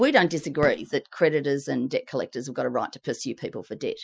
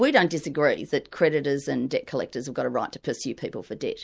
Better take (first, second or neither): second